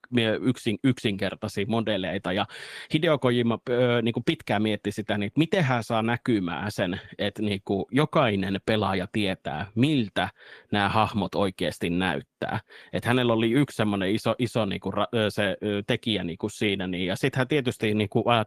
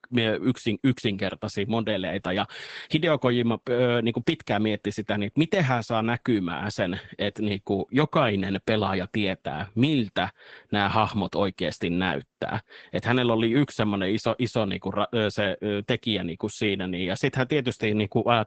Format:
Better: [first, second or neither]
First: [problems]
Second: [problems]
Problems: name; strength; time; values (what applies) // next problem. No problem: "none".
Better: first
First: garbled, watery; slightly; nothing above 14.5 kHz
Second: garbled, watery; badly; nothing above 8 kHz